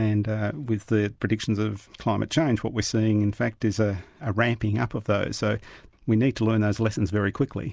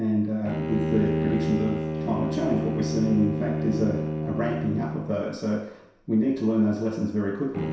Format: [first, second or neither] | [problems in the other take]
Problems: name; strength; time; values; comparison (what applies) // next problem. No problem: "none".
first | background sound (Bowed string instrument); 3 dB below the speech // room echo; dies away in 0.7 s